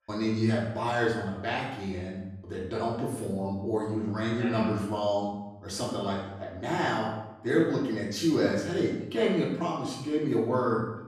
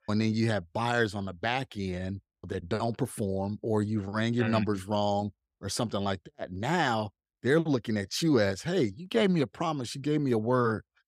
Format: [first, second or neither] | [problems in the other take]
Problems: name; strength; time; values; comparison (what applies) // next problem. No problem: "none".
second | off-mic speech; far // room echo; noticeable; dies away in 0.7 s